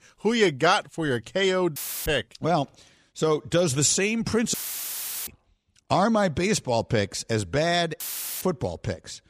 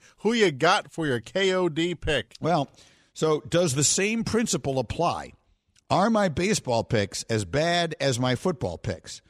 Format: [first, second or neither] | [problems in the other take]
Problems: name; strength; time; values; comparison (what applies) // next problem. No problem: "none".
second | audio cutting out; filled with static; at 2 s, at 4.5 s for 0.5 s and at 8 s